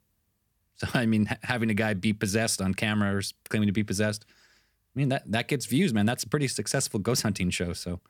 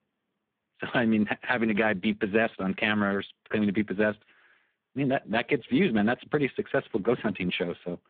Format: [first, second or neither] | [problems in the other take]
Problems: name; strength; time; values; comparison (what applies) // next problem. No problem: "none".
first | phone-call audio; poor line